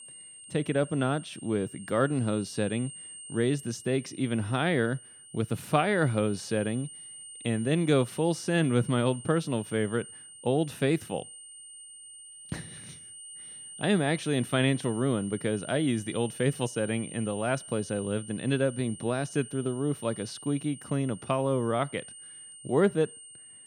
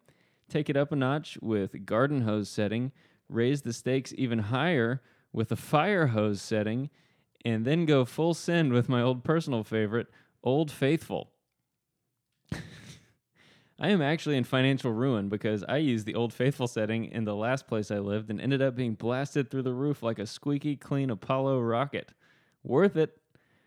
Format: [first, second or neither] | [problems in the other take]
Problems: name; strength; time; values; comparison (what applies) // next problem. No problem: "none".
second | high-pitched whine; noticeable; throughout; 9 kHz, 15 dB below the speech